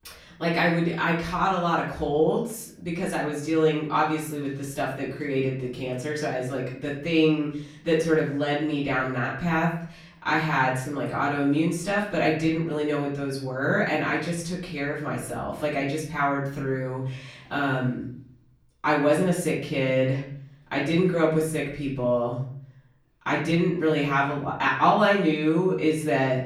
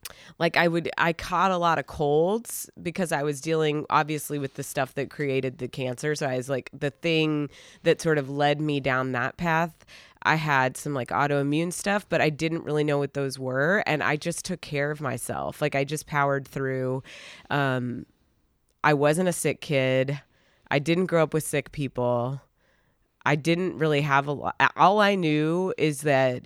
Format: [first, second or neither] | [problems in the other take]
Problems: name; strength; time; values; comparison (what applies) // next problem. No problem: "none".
second | off-mic speech; far // room echo; noticeable; dies away in 0.6 s